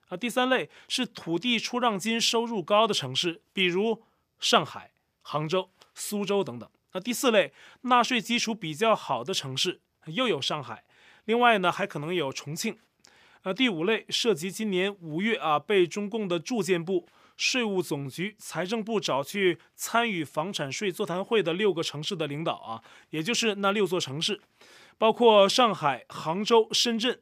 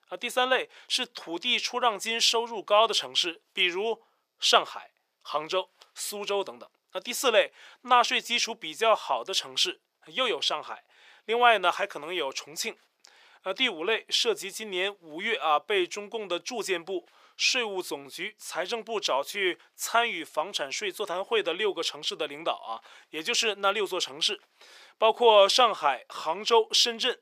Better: first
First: none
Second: thin; somewhat; fading below 550 Hz

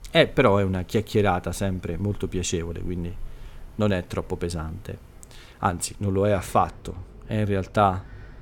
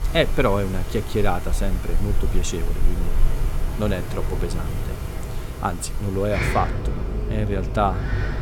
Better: first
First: wind in the background; faint; throughout; 20 dB below the speech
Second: wind in the background; loud; throughout; 2 dB below the speech

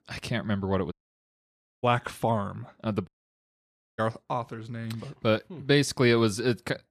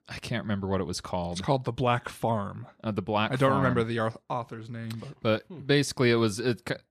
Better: second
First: audio cutting out; at 1 s for 1 s and at 3 s for 1 s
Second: none

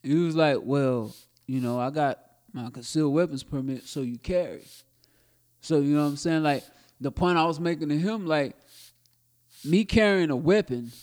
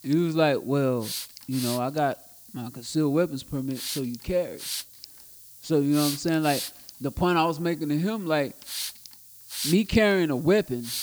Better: first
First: hiss; faint; throughout; 30 dB below the speech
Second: hiss; loud; throughout; 10 dB below the speech

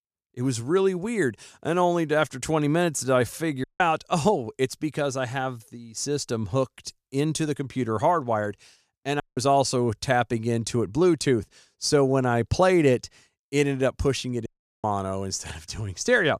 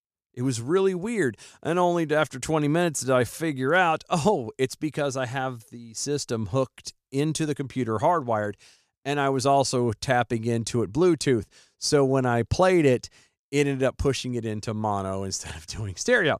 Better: second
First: audio cutting out; at 3.5 s, at 9 s and at 14 s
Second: none

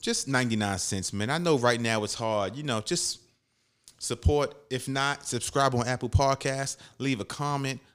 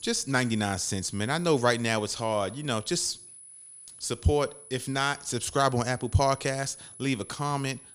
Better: first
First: none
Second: high-pitched whine; noticeable; throughout; 10 kHz, 20 dB below the speech

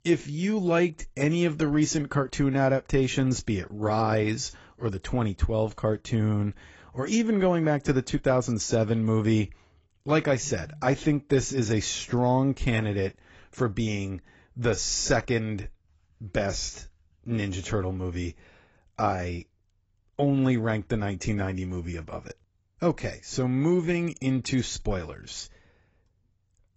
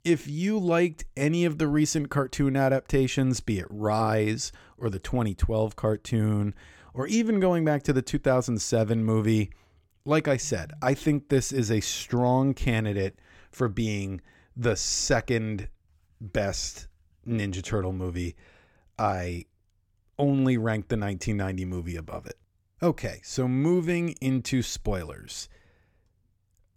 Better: second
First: garbled, watery; badly; nothing above 7.5 kHz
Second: none

